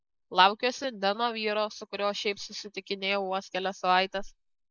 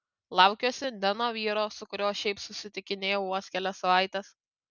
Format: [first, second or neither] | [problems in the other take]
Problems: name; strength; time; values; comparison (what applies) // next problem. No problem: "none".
second | noise reduction (neural mask model Resemble Enhance denoiser)